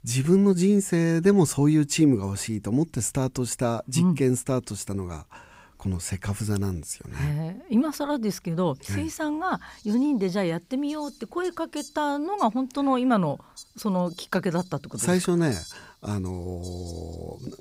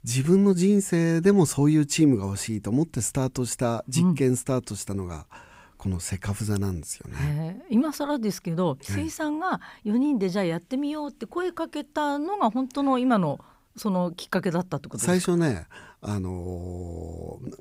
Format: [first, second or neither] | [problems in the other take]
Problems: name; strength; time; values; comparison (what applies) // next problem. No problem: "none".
second | animal sounds; faint; throughout; 20 dB below the speech